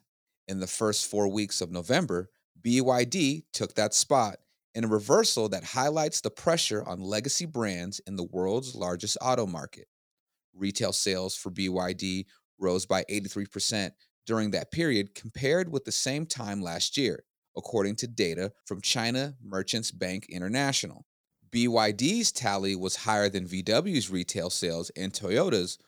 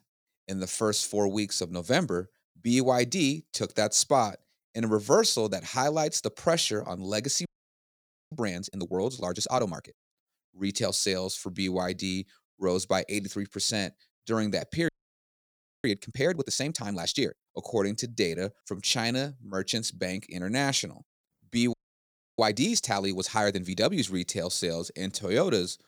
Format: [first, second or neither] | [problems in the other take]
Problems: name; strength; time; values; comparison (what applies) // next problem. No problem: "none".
first | audio freezing; at 7.5 s for 1 s, at 15 s for 1 s and at 22 s for 0.5 s